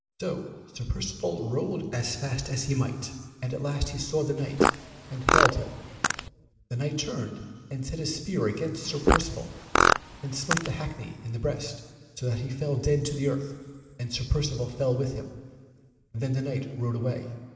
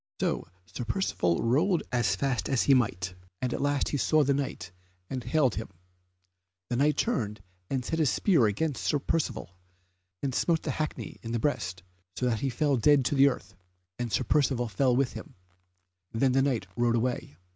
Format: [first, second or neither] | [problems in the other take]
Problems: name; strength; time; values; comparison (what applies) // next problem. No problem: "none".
second | background sound (Fart); 4 dB above the speech // room echo; dies away in 2.1 s